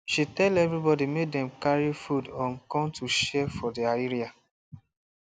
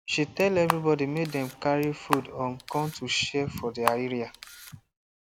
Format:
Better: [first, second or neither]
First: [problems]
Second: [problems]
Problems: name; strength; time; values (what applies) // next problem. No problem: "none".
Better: first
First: none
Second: background sound (Camera); 8 dB below the speech